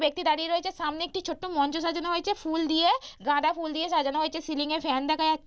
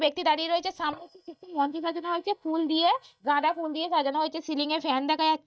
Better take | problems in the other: first | noise reduction (neural mask model DeepFilterNet 3)

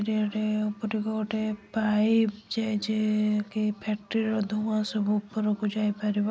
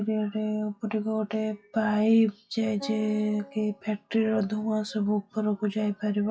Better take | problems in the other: first | noise reduction (classical method WPE with log-MMSE)

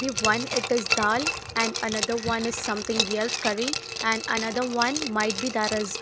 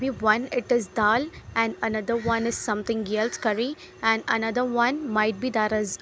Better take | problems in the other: second | background sound (Glass); 4 dB below the speech

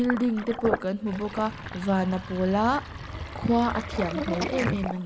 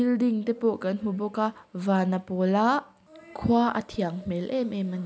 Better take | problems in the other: second | background sound (Sink (filling or washing)); 7 dB below the speech

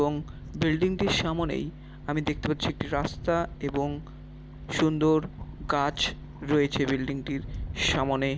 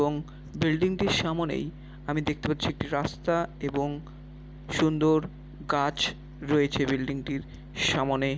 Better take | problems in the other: second | background sound (Rattle); 14 dB below the speech

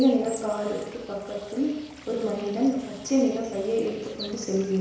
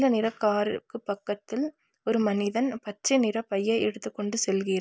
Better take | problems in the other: second | background sound (Water / Bird); 18 dB below the speech // room echo; dies away in 1 s

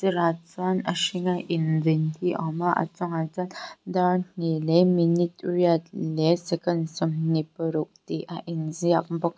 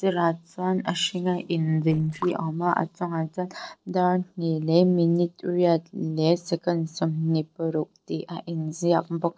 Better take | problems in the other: first | noise reduction (neural separator model SepFormer DNS4)

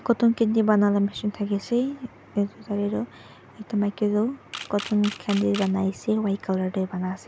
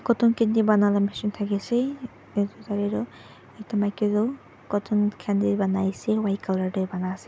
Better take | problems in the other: second | background sound (Camera); 14 dB below the speech

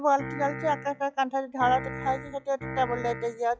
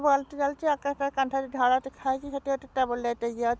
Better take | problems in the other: second | noise reduction (classical method log-MMSE)

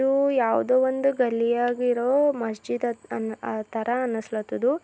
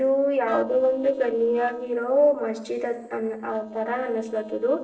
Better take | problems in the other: first | noise reduction (neural separator model SepFormer DNS4)

